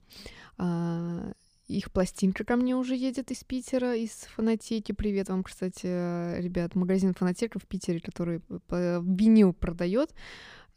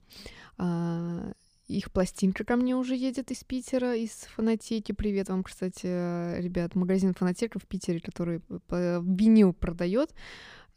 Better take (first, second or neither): neither